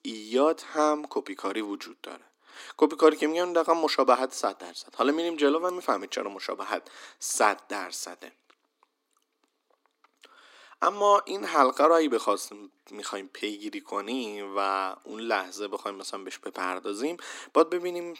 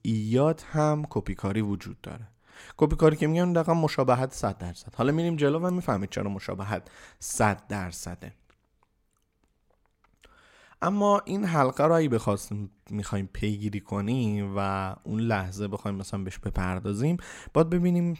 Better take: second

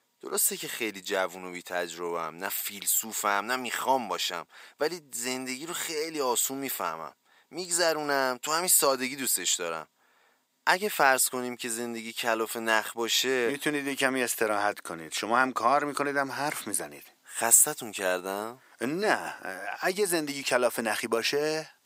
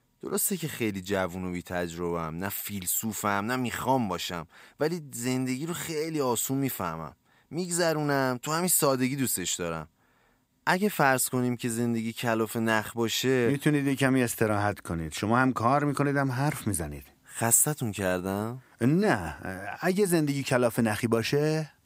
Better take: second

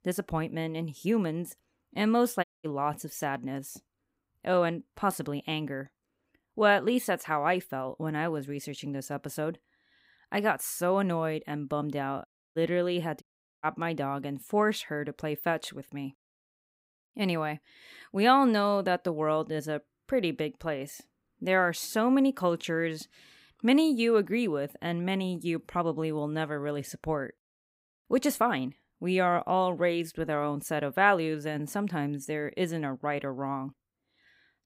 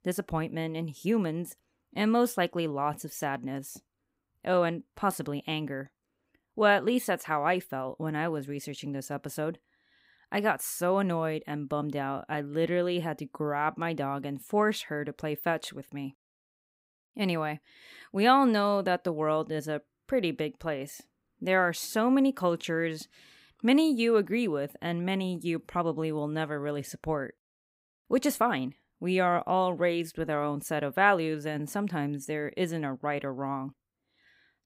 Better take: second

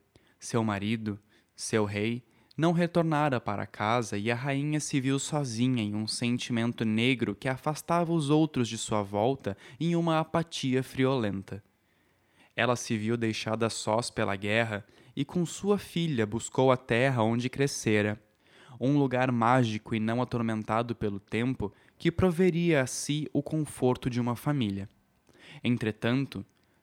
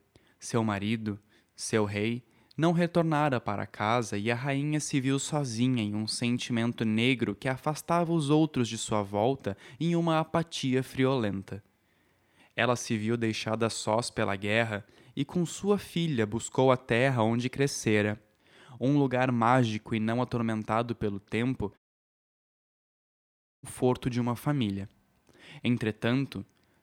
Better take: first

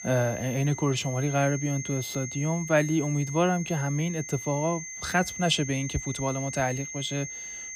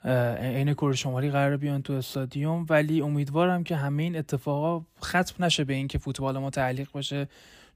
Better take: second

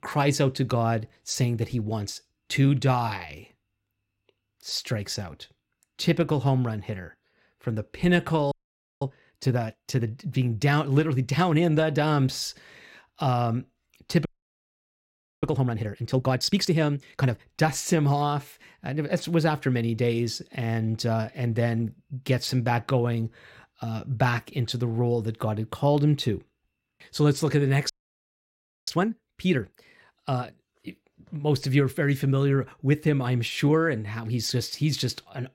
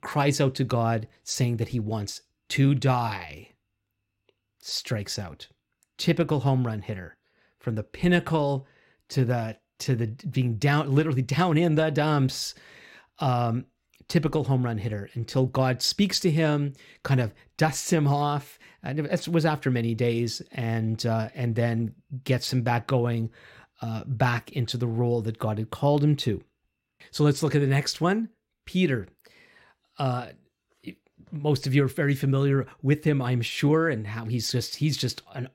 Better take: second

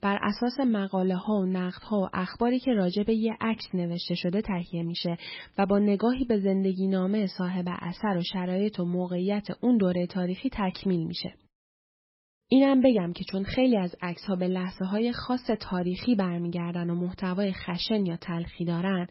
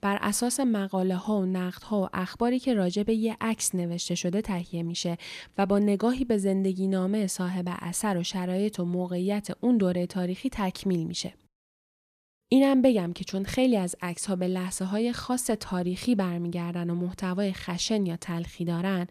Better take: second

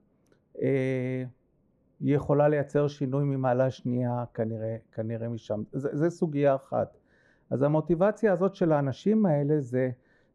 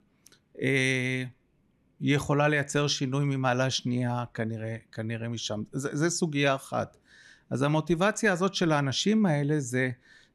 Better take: second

